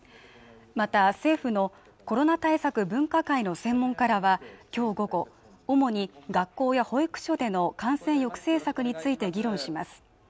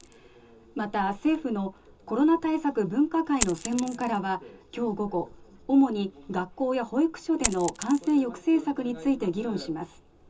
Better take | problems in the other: first | background sound (Coin (dropping)); 13 dB below the speech // room echo; dies away in 0.2 s

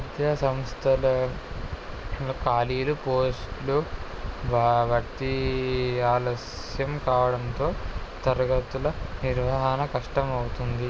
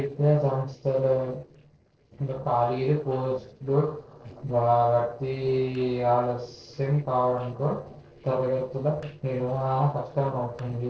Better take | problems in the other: first | noise reduction (neural separator model SepFormer DNS4)

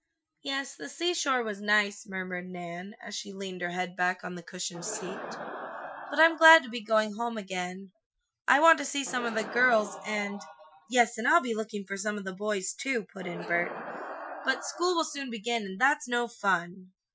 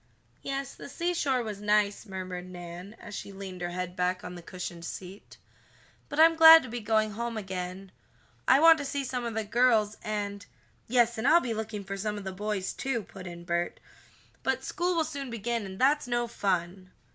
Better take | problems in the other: second | noise reduction (classical method Wiener filter)

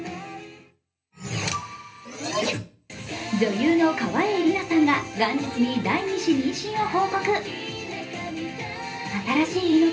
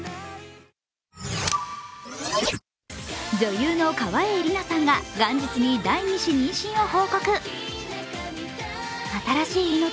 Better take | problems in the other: second | room echo; dies away in 0.3 s

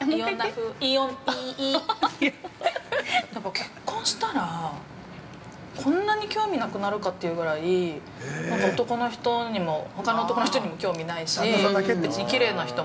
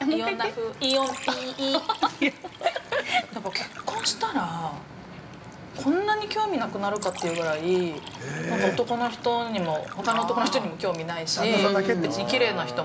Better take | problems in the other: first | background sound (Fill (with liquid)); 15 dB below the speech

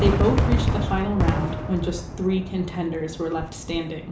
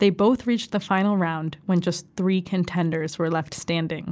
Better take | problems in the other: second | background sound (Fireworks); 1 dB above the speech // room echo; dies away in 0.5 s

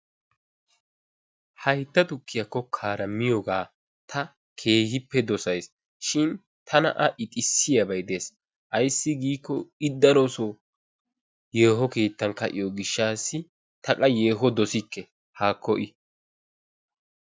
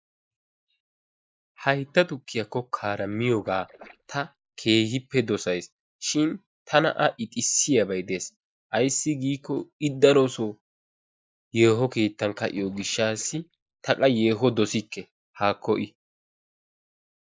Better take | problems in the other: first | noise reduction (neural mask model Resemble Enhance denoiser)

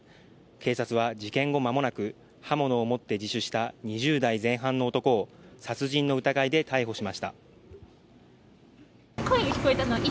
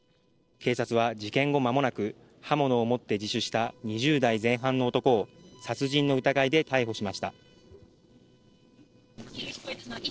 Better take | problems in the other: first | noise reduction (neural separator model SepFormer DNS4)

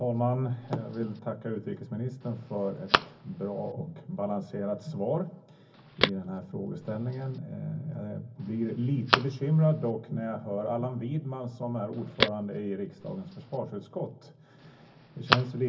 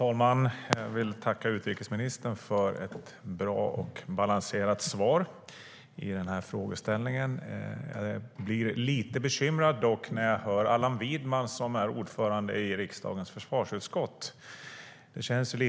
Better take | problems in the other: second | background sound (Telephone); 4 dB below the speech // room echo; dies away in 0.4 s

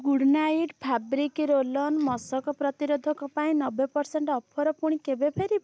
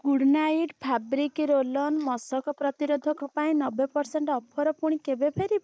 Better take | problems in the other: first | noise reduction (neural mask model Resemble Enhance denoiser)

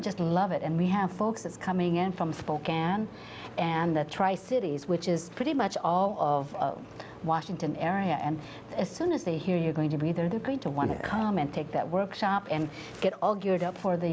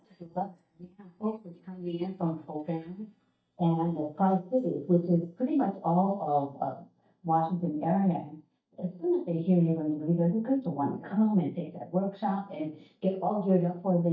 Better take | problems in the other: first | noise reduction (neural mask model DeepFilterNet 3)

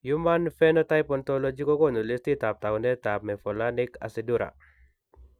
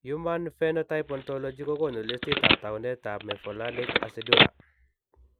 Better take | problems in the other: first | background sound (Telephone); 4 dB above the speech

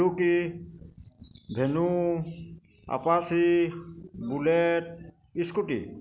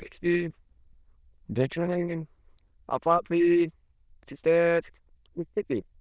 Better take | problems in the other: first | noise reduction (neural diffusion model UNIVERSE++)

